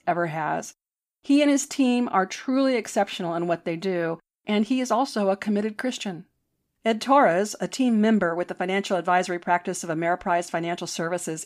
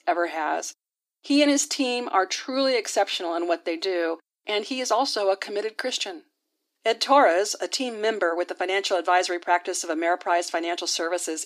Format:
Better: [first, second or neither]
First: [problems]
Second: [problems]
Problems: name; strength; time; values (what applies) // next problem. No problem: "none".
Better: first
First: none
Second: thin; very slightly; fading below 300 Hz